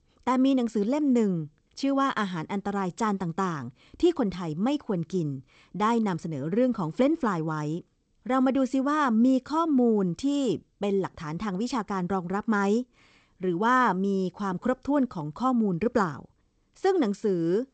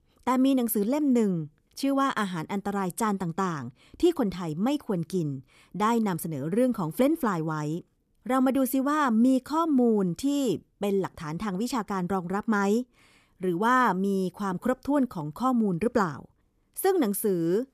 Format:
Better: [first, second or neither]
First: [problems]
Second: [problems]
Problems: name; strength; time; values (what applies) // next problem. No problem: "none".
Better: second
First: garbled, watery; slightly; nothing above 8 kHz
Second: none